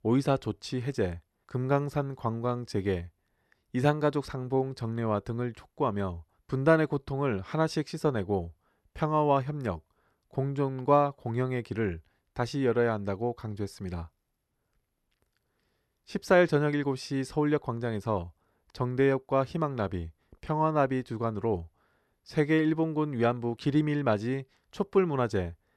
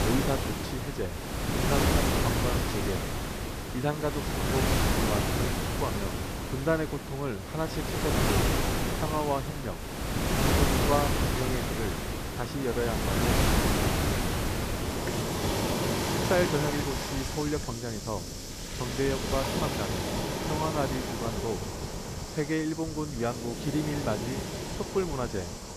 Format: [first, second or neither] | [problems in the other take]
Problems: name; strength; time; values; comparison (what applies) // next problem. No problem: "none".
first | rain or running water; very loud; throughout; 3 dB above the speech